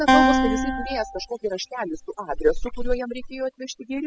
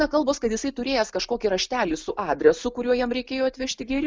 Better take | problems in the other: second | noise reduction (classical method spectral subtraction)

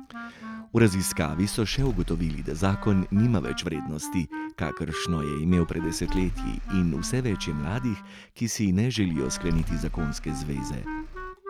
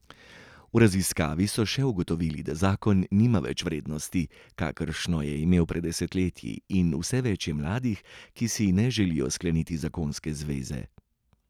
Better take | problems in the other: second | background sound (Engine starting / Car + Wind instrument, woodwind instrument); 8 dB below the speech

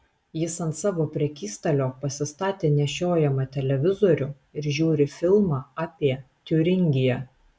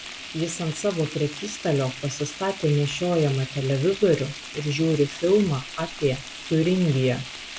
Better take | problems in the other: first | background sound (Frying (food)); 13 dB below the speech

